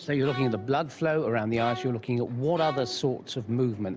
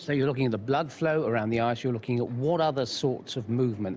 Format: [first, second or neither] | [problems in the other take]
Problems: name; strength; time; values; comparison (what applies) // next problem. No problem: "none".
second | background sound (Bowed string instrument); 12 dB below the speech